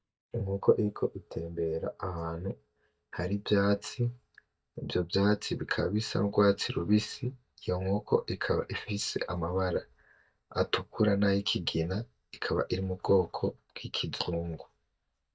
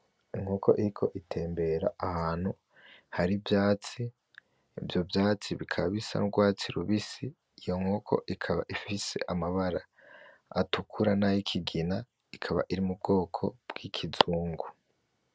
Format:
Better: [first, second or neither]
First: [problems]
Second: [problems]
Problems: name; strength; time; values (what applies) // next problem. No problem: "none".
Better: second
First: noise reduction (neural mask model DeepFilterNet 3)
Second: none